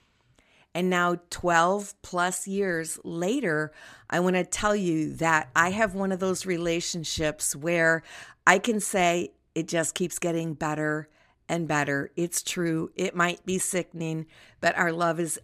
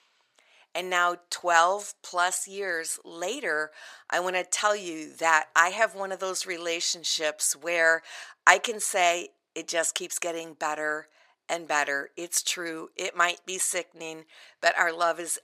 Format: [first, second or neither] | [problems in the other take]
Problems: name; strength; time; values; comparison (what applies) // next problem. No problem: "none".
first | thin; very; fading below 650 Hz